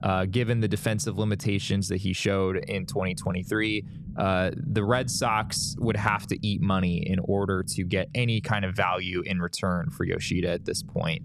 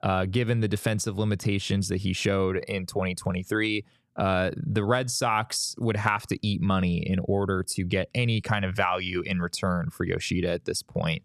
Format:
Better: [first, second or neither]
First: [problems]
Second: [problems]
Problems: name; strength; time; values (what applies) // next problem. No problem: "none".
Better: second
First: low rumble; faint; throughout; 20 dB below the speech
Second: none